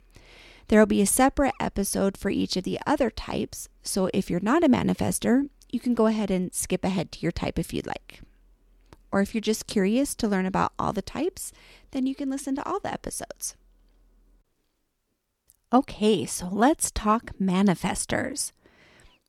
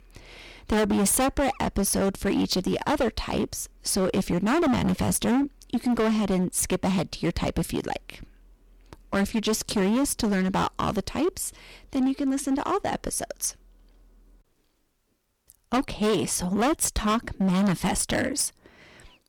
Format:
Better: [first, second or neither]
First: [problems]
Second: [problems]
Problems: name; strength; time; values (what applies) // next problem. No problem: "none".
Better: first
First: none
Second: distortion; heavy; 13% of the sound clipped